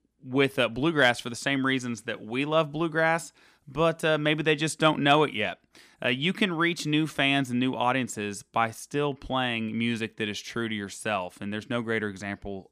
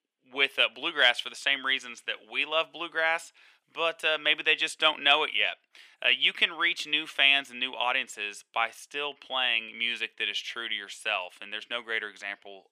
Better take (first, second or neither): first